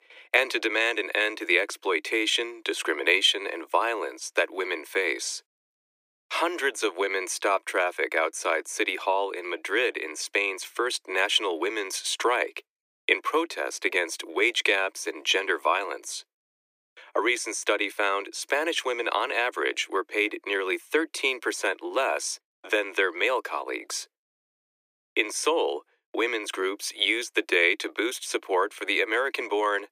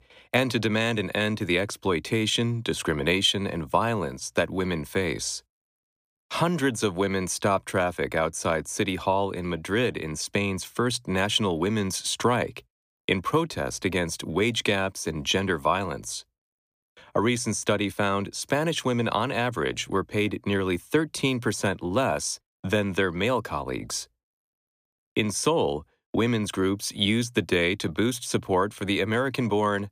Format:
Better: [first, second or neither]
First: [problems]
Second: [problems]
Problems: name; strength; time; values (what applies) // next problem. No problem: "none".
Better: second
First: thin; very; fading below 300 Hz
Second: none